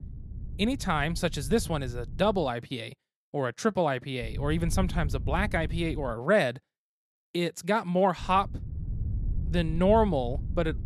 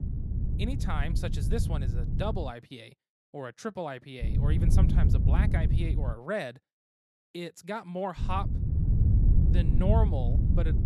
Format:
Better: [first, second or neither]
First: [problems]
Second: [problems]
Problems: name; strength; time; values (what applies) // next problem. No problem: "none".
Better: first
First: wind noise on the microphone; occasional gusts; until 2.5 s, from 4 to 6 s and from 8 s on; 25 dB below the speech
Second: wind noise on the microphone; heavy; until 2.5 s, from 4 to 6 s and from 8 s on; 5 dB below the speech